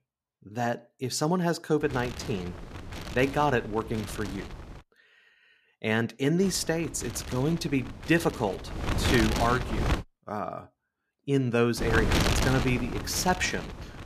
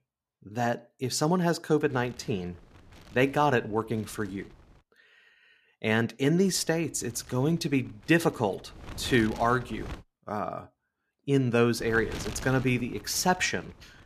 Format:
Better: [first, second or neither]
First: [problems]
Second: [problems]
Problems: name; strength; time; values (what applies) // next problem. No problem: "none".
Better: second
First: wind noise on the microphone; heavy; from 2 to 5 s, from 6.5 to 10 s and from 12 s on; 5 dB below the speech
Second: wind noise on the microphone; occasional gusts; from 2 to 5 s, from 6.5 to 10 s and from 12 s on; 20 dB below the speech